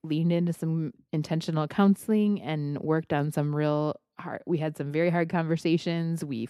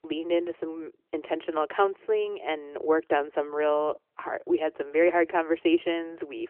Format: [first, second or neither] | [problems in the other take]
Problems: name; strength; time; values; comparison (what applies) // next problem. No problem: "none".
first | phone-call audio; nothing above 3 kHz